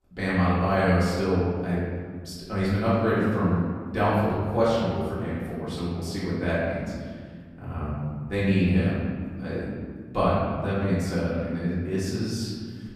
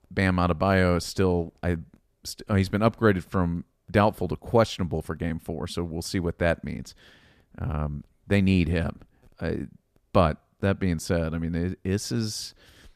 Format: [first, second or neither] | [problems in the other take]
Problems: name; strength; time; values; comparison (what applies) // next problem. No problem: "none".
second | room echo; strong; dies away in 1.8 s // off-mic speech; far